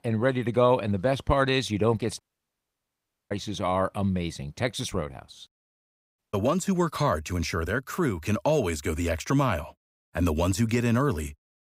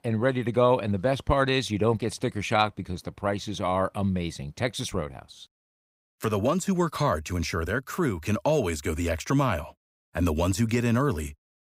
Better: second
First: audio cutting out; at 2 s for 1 s and at 6 s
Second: none

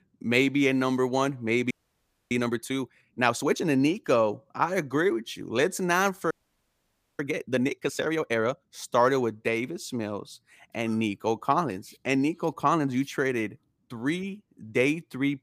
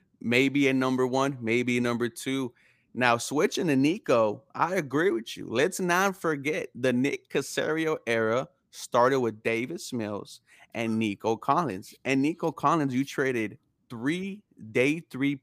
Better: second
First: audio freezing; at 1.5 s for 0.5 s and at 6.5 s for 1 s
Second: none

